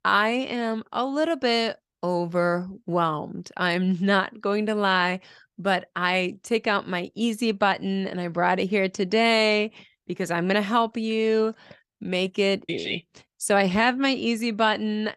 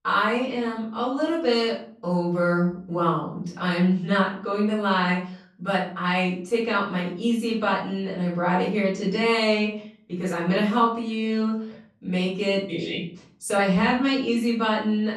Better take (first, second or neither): first